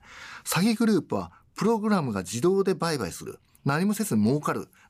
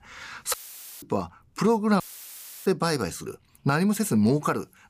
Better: first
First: none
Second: audio cutting out; filled with static; at 0.5 s and at 2 s for 0.5 s

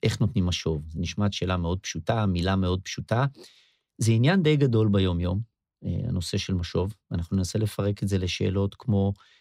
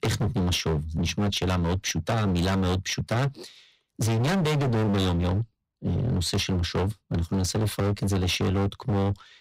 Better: first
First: none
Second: distortion; heavy; 33% of the sound clipped

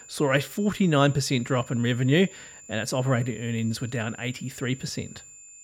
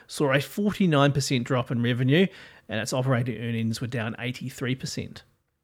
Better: second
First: high-pitched whine; noticeable; throughout; 7 kHz, 20 dB below the speech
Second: none

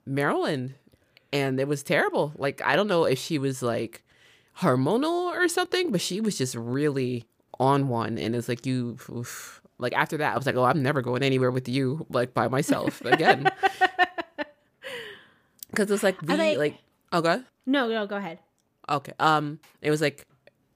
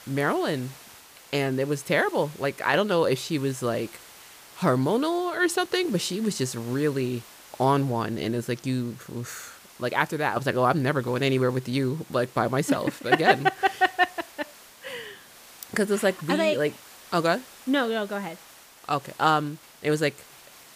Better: first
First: none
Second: hiss; faint; throughout; 20 dB below the speech

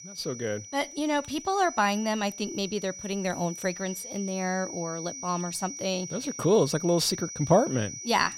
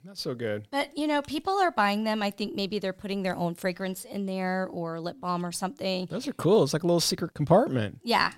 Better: second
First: high-pitched whine; loud; throughout; 6 kHz, 10 dB below the speech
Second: none

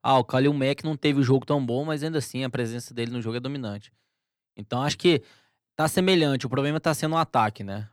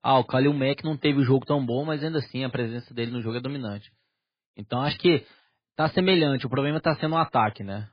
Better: first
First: none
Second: garbled, watery; badly; nothing above 4 kHz

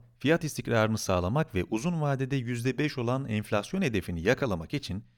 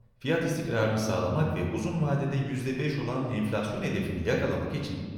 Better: first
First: none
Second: room echo; noticeable; dies away in 1.5 s // off-mic speech; somewhat distant

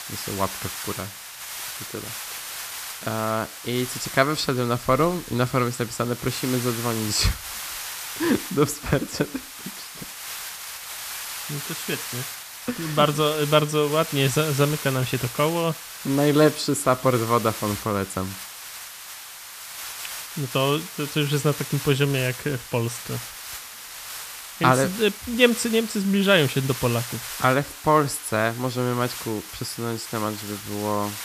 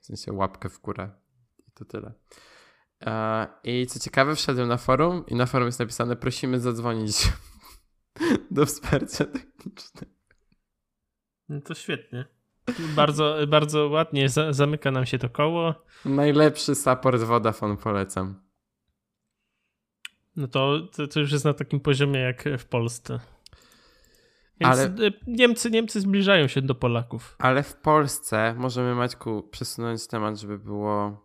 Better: second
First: hiss; loud; throughout; 10 dB below the speech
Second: none

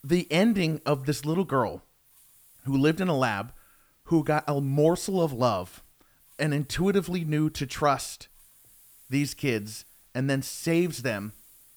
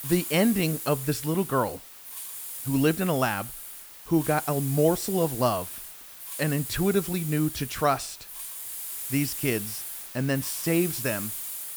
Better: first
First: hiss; faint; throughout; 25 dB below the speech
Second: hiss; loud; throughout; 7 dB below the speech

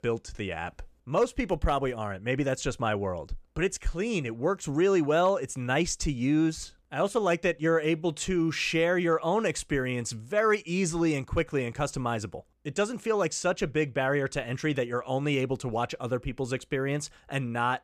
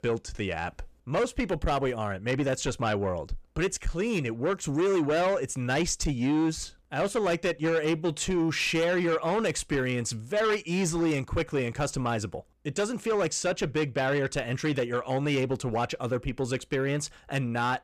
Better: first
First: none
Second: distortion; slight; 10 dB below the speech

